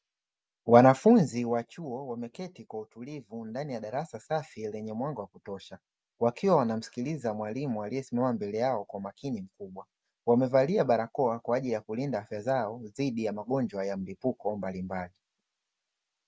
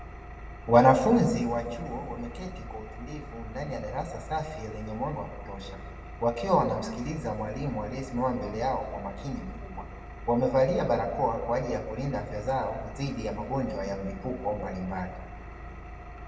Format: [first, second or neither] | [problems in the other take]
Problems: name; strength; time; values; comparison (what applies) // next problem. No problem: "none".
first | background sound (Engine); 12 dB below the speech // room echo; dies away in 1.5 s